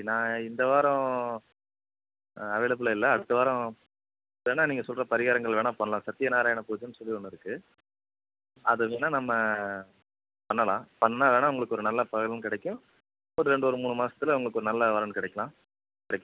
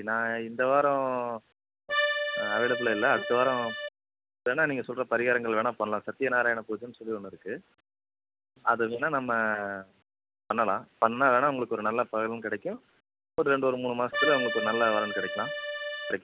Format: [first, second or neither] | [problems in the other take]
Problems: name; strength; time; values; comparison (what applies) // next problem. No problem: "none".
first | background sound (Accordion); 2 dB below the speech